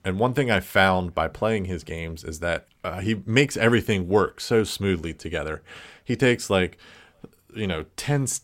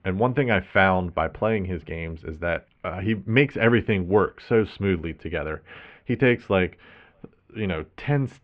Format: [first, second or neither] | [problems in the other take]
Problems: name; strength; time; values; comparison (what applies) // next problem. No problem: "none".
first | muffled; very; fading above 2.5 kHz